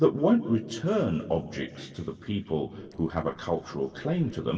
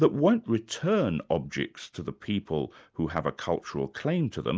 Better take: second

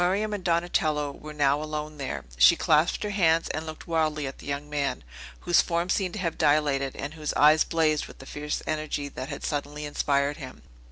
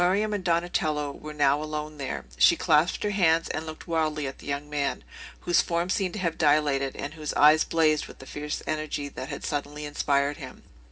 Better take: first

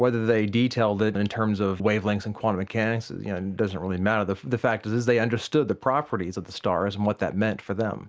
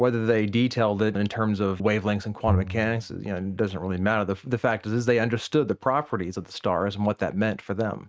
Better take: first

